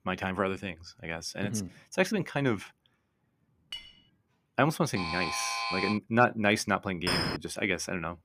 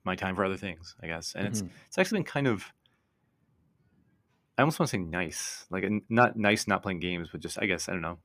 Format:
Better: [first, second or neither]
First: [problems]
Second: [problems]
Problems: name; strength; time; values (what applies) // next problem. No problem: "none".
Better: second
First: clattering dishes; faint; at 3.5 s; peak 10 dB below the speech // alarm; noticeable; from 5 to 6 s; peak 1 dB below the speech // clattering dishes; loud; at 7 s; peak 1 dB above the speech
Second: none